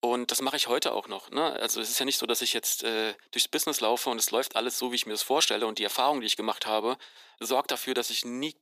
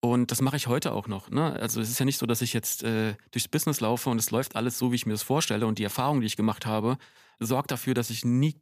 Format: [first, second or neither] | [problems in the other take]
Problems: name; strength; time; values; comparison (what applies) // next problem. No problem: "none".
second | thin; somewhat; fading below 350 Hz